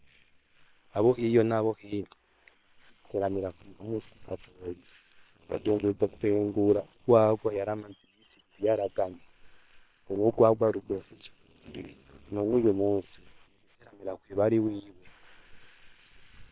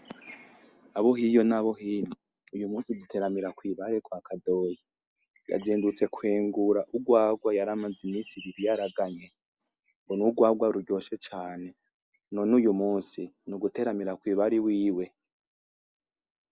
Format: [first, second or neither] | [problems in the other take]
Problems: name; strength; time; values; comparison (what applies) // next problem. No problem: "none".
second | noise reduction (neural separator model SepFormer WHAM!)